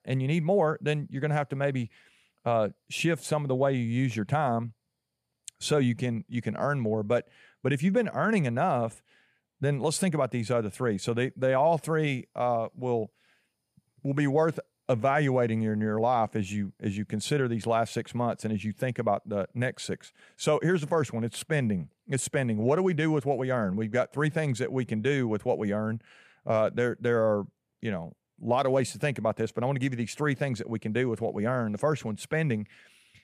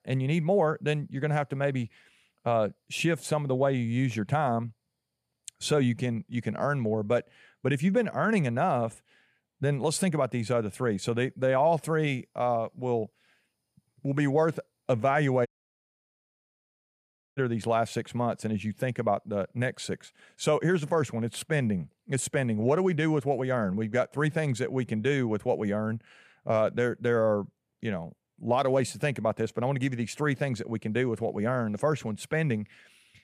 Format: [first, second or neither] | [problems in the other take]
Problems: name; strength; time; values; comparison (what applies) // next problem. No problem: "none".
first | audio cutting out; at 15 s for 2 s